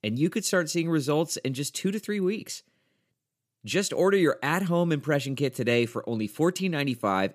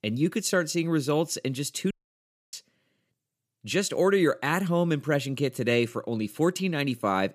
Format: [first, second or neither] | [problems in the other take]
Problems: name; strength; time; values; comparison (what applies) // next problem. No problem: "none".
first | audio cutting out; at 2 s for 0.5 s